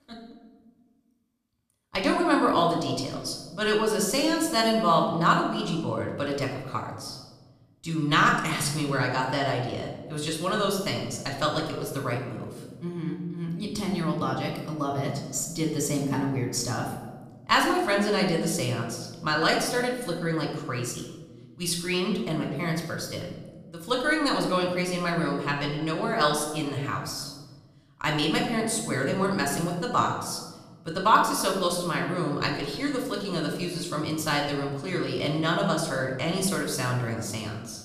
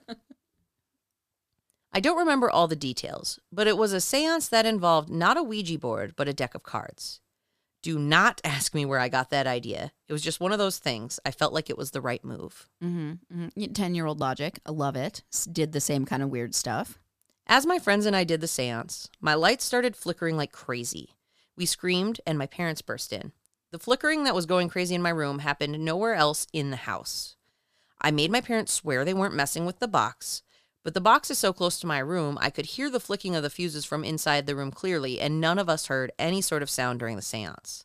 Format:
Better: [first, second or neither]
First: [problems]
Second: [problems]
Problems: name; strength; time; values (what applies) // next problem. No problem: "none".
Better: second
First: off-mic speech; somewhat distant // room echo; noticeable; dies away in 1.1 s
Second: none